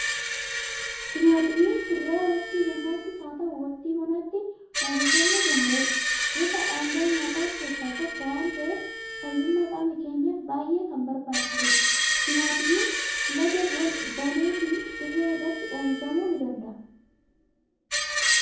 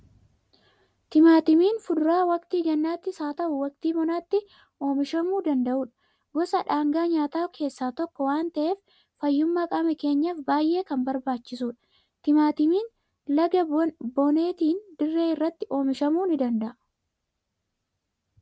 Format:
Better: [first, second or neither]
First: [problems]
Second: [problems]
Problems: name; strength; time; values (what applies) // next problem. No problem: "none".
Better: second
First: background sound (Screech); 1 dB below the speech // room echo; dies away in 0.7 s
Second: none